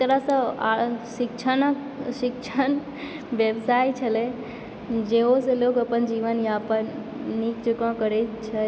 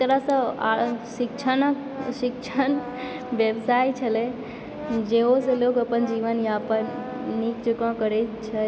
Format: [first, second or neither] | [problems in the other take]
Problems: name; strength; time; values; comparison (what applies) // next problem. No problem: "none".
first | background sound (Brass instrument); 16 dB below the speech